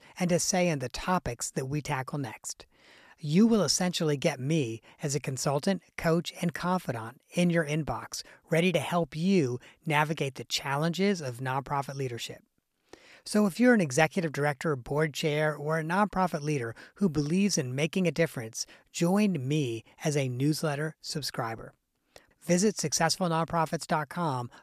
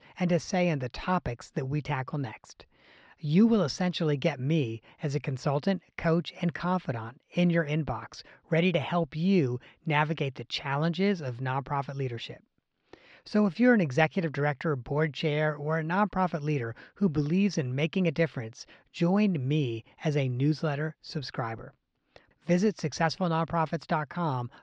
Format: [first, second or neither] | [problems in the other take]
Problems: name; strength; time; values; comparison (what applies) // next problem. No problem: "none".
first | muffled; slightly; fading above 4.5 kHz